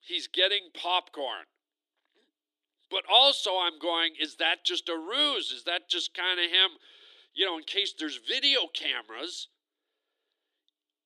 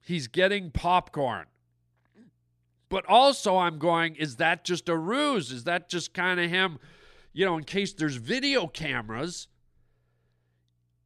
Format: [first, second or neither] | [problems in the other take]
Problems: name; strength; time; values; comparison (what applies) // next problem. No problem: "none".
second | thin; somewhat; fading below 300 Hz